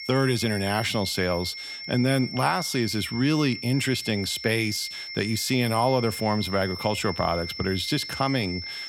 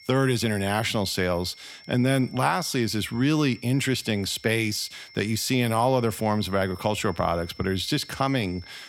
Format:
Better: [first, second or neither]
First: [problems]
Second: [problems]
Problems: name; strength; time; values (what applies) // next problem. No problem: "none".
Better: second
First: high-pitched whine; loud; throughout; 5.5 kHz, 9 dB below the speech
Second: high-pitched whine; faint; throughout; 5.5 kHz, 20 dB below the speech